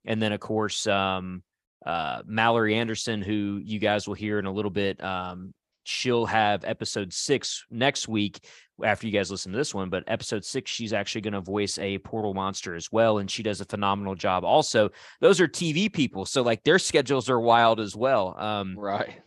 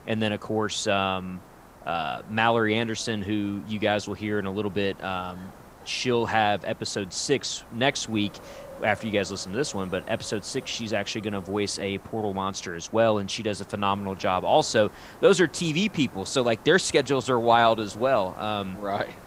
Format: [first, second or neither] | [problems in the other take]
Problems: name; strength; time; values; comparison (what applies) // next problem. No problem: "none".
first | hiss; faint; throughout; 20 dB below the speech